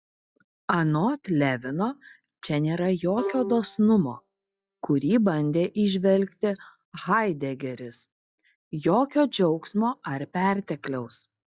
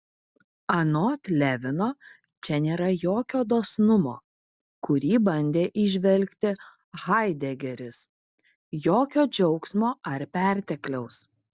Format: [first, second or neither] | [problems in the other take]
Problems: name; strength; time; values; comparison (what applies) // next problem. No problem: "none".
second | noise reduction (classical method log-MMSE)